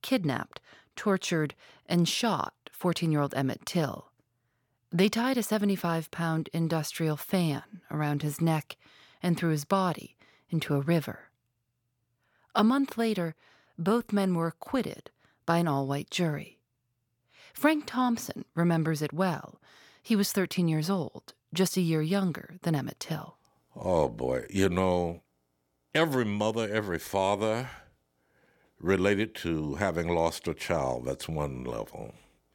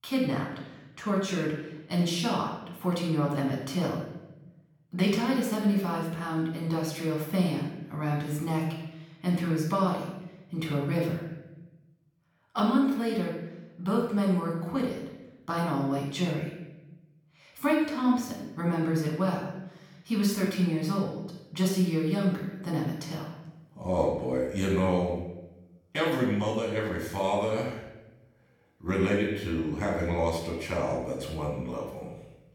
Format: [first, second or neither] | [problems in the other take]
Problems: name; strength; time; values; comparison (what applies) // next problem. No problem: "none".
first | off-mic speech; far // room echo; noticeable; dies away in 0.9 s